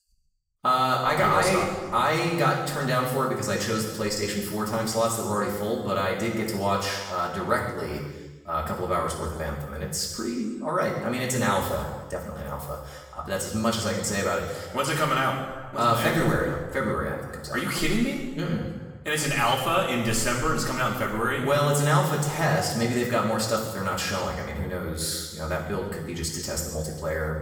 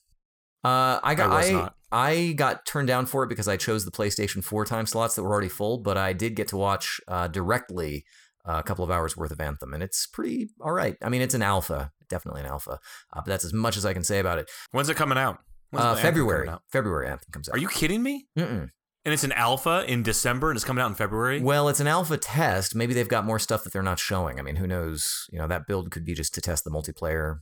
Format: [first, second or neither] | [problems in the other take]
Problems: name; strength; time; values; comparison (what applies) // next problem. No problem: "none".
second | room echo; noticeable; dies away in 1.2 s // off-mic speech; far